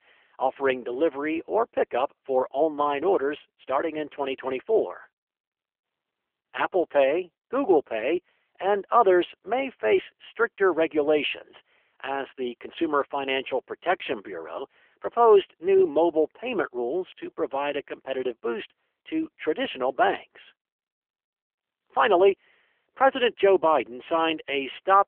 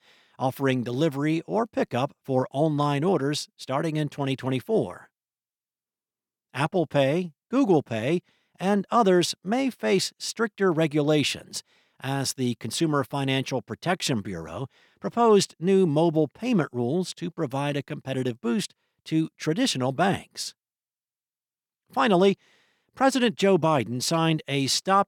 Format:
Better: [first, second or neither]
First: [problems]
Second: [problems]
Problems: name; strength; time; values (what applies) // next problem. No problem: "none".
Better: second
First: phone-call audio; nothing above 3 kHz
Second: none